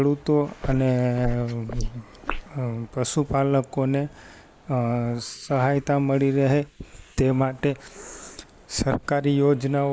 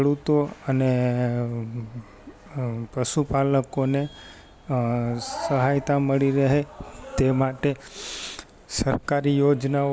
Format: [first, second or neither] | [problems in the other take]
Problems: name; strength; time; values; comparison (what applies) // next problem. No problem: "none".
second | noise reduction (neural mask model Resemble Enhance denoiser)